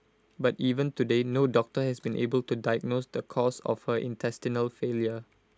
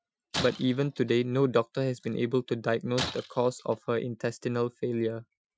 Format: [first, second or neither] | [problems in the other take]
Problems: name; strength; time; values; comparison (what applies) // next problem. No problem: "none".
first | noise reduction (classical method Wiener filter)